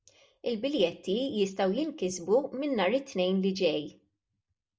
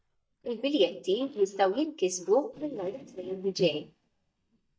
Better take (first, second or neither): first